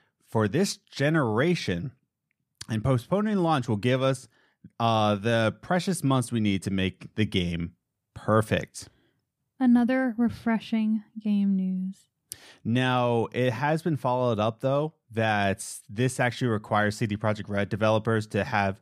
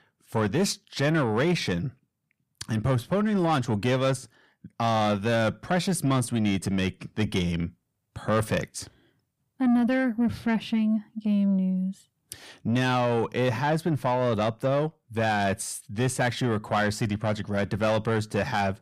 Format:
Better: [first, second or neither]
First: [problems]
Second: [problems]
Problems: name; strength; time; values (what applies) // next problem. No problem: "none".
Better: first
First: none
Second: distortion; slight; 10 dB below the speech